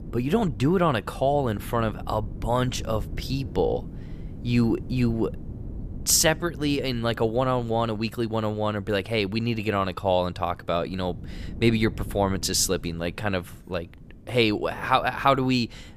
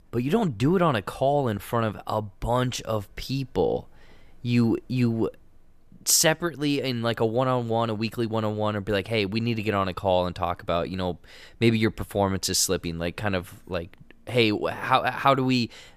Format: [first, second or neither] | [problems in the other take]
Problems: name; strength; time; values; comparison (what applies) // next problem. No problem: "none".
second | wind noise on the microphone; occasional gusts; 25 dB below the speech